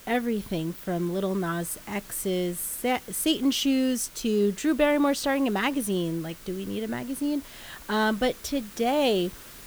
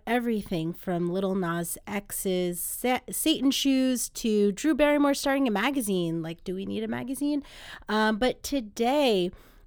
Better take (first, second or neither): second